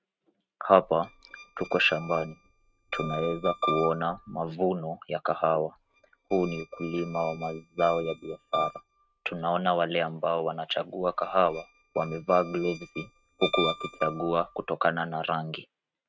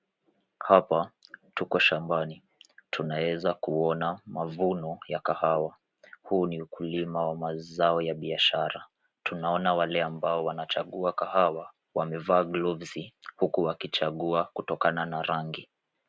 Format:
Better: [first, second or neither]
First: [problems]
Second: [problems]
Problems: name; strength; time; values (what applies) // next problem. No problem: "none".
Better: second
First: noise reduction (neural mask model RNNoise)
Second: none